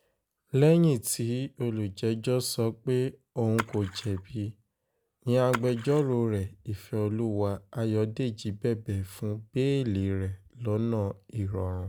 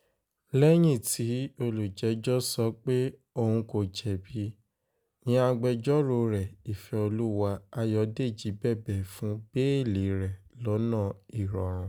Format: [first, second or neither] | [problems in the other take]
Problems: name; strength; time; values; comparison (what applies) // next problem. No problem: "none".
second | background sound (Splash, splatter); 14 dB below the speech